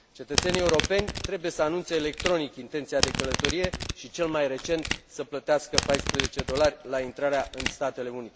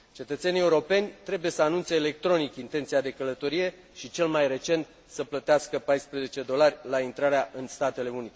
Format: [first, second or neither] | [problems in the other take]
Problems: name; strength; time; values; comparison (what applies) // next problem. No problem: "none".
second | background sound (Domestic sounds, home sounds); 3 dB below the speech